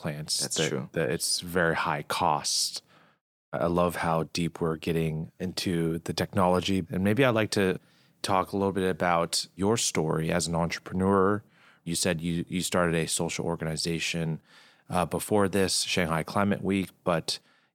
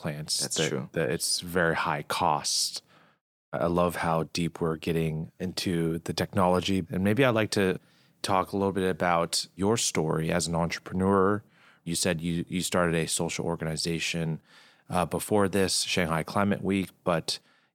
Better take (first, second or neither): neither